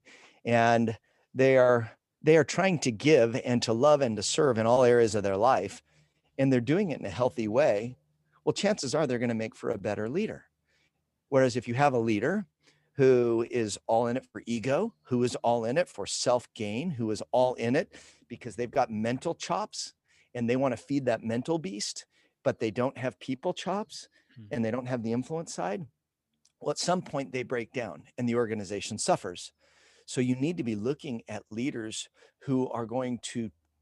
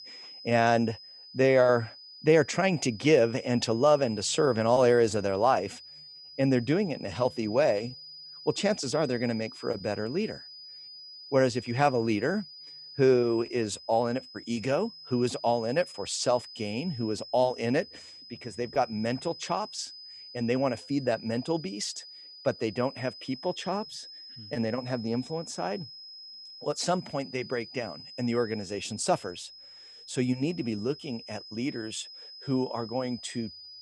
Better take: first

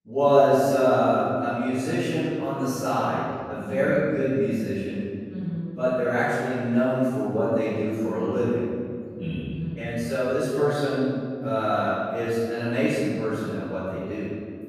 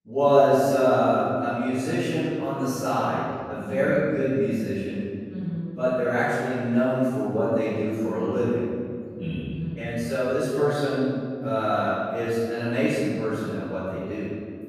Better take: neither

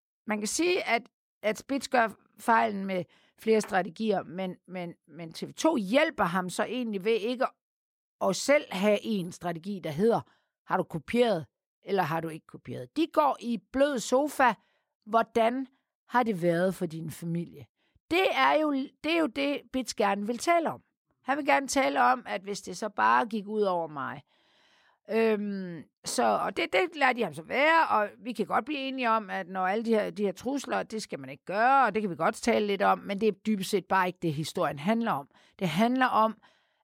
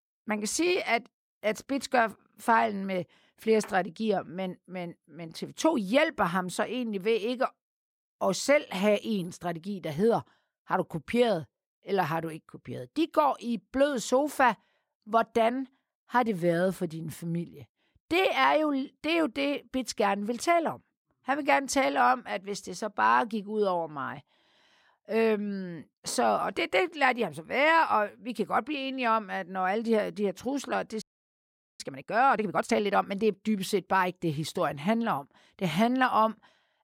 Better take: first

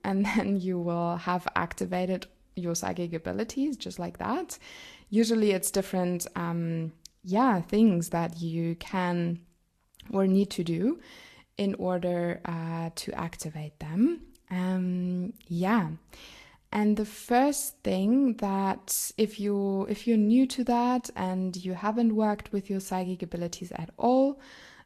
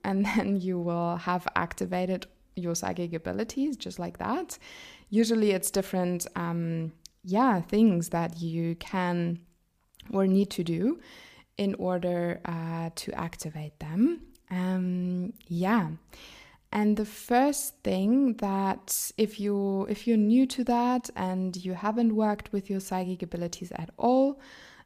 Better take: second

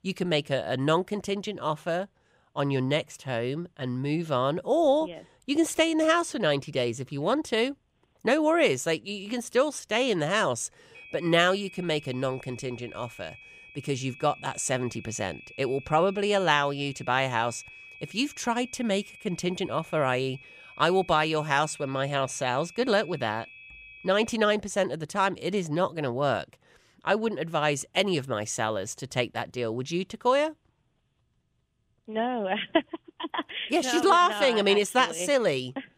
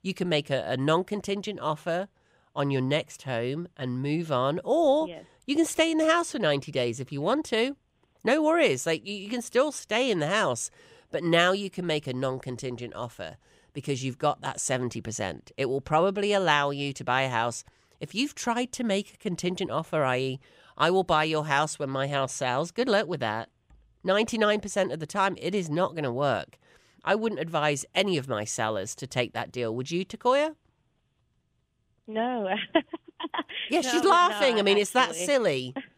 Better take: second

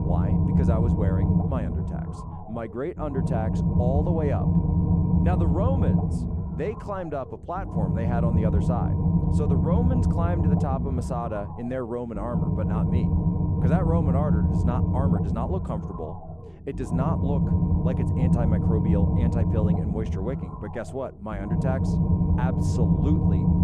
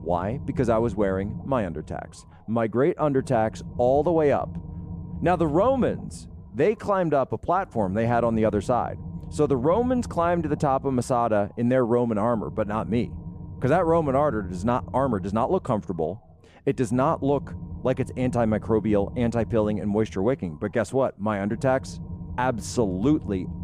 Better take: second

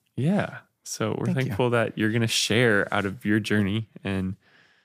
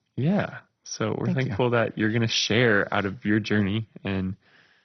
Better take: first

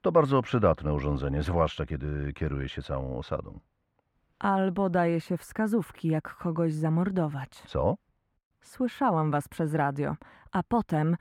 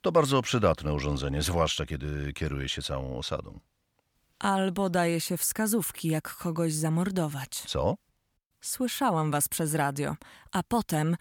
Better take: second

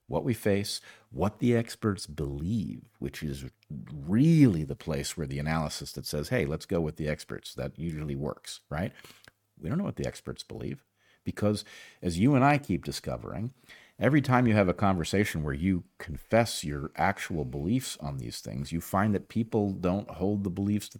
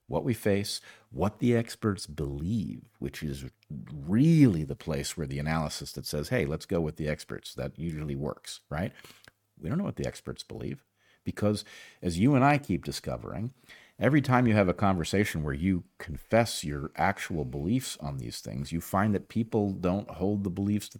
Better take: neither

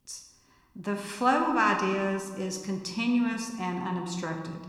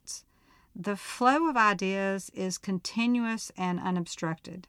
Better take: second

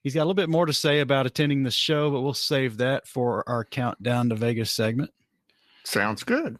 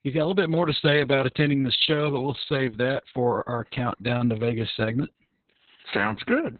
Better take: first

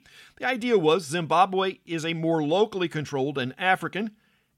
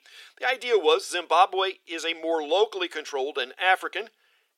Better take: first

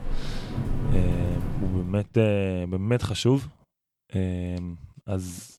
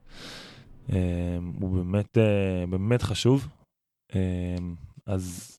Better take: second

